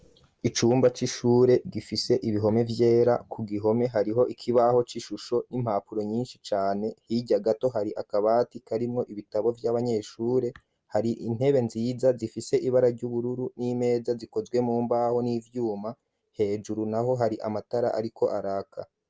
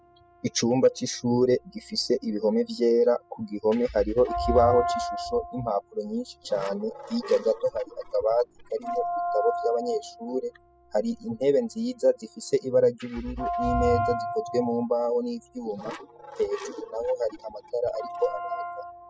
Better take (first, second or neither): first